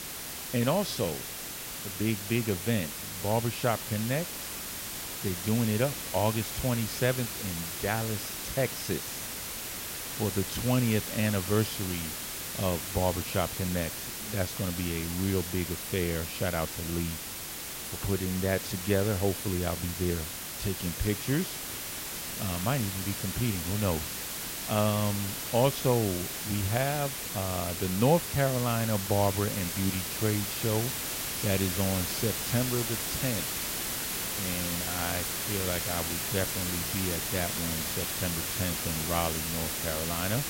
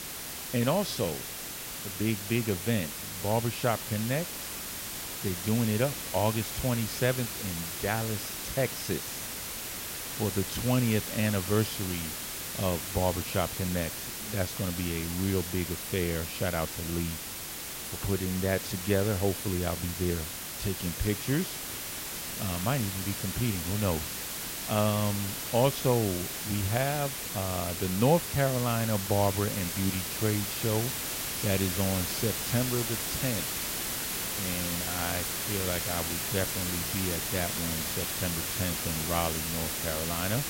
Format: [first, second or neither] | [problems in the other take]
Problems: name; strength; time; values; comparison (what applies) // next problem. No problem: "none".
neither | hiss; loud; throughout; 2 dB below the speech; the same in both